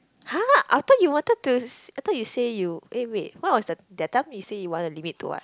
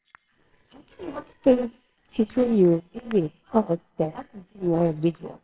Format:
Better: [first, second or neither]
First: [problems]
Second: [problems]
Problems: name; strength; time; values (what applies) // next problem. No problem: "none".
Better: first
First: none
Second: noise reduction (neural separator model SepFormer WHAMR!)